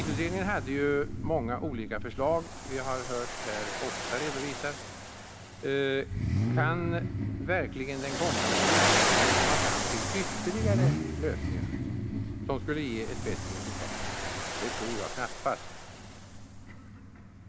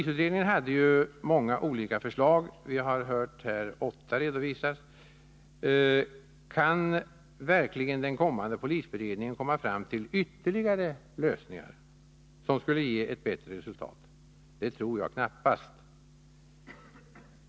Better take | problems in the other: second | background sound (Waves, surf + Idling / Accelerating, revving, vroom / Car); 3 dB above the speech

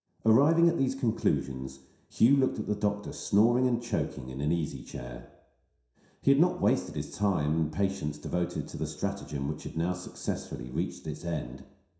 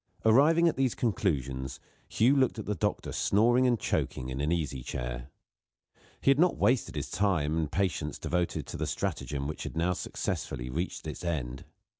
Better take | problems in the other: second | room echo; dies away in 0.7 s

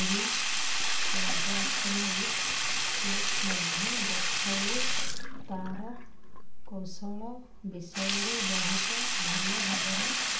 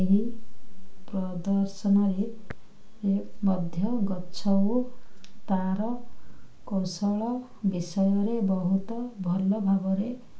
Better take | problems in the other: second | background sound (Sink (filling or washing)); 1 dB above the speech // room echo; dies away in 0.8 s

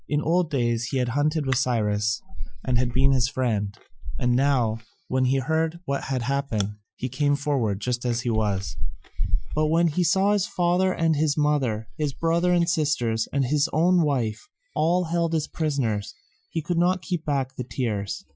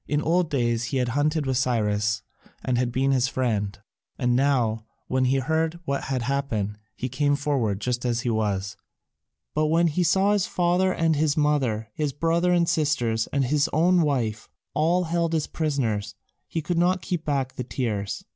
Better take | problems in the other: second | noise reduction (classical method Wiener filter)

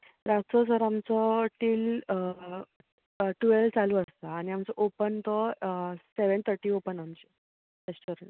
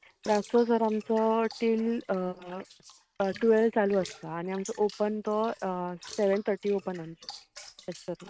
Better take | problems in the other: first | noise reduction (neural mask model RNNoise)

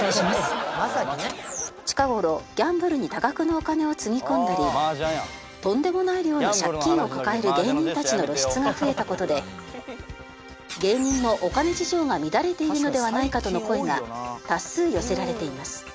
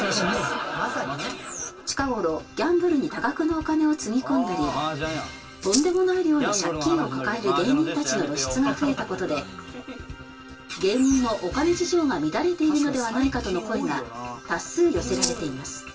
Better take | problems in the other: first | background sound (Rattle (instrument)); 5 dB below the speech // room echo; dies away in 0.1 s

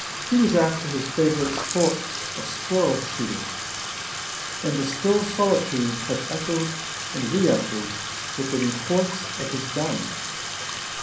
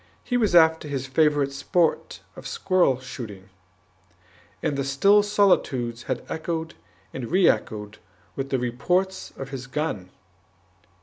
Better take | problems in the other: second | background sound (Bathtub (filling or washing)); 5 dB below the speech // room echo; dies away in 0.6 s

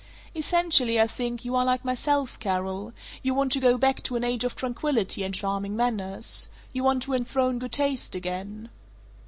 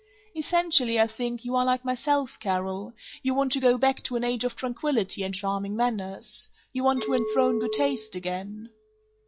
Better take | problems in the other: first | noise reduction (classical method log-MMSE)

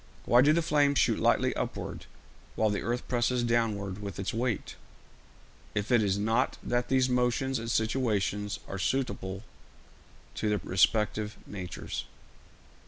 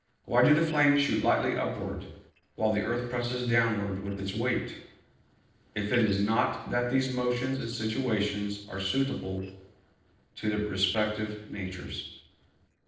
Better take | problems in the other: first | noise reduction (neural separator model SepFormer DNS4)

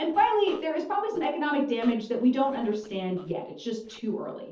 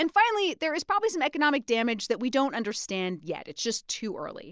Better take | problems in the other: second | noise reduction (neural separator model SepFormer DNS4)

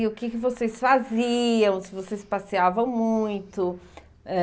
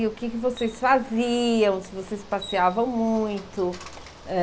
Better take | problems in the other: first | background sound (Bicycle); 18 dB below the speech

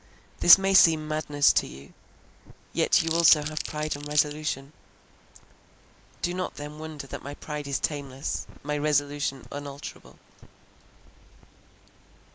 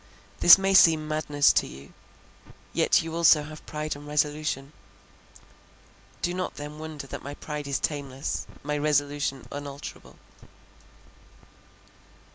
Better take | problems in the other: second | noise reduction (neural mask model Resemble Enhance denoiser)

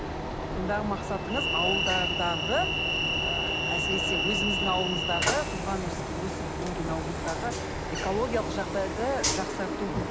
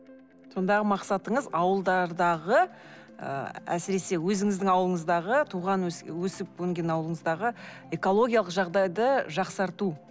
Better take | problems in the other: second | background sound (Train); 3 dB above the speech

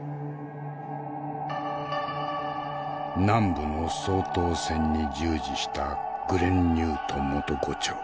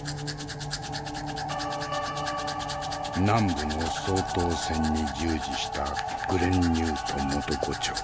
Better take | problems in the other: first | background sound (Domestic sounds, home sounds); 10 dB below the speech

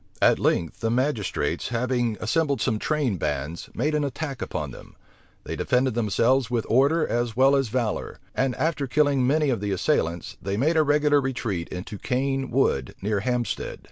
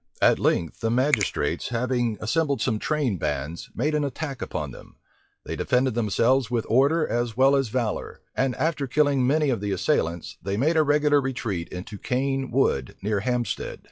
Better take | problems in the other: first | noise reduction (classical method log-MMSE)

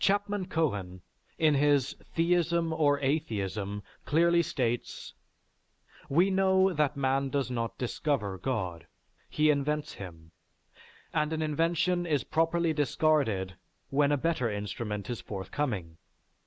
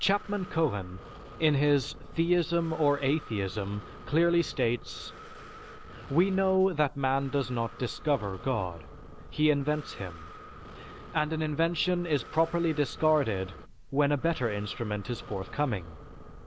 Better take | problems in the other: first | background sound (Breathing); 16 dB below the speech

